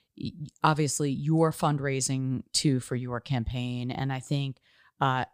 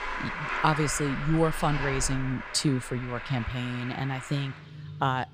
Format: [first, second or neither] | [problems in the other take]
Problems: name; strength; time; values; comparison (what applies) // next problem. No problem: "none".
first | traffic noise; loud; throughout; 7 dB below the speech